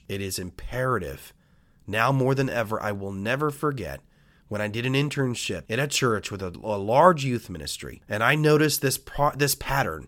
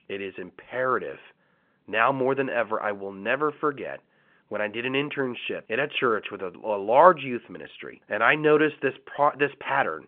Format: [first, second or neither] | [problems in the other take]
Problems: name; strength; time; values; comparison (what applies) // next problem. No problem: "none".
first | phone-call audio